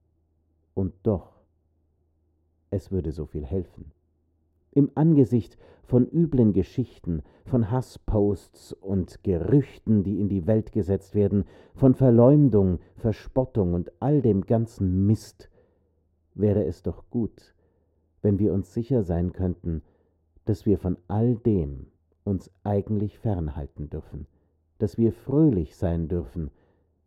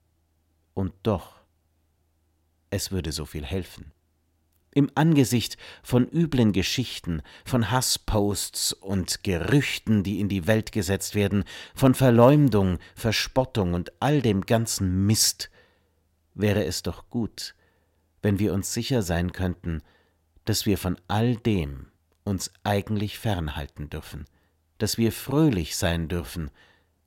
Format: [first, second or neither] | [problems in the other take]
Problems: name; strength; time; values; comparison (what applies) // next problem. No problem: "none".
second | muffled; very; fading above 1 kHz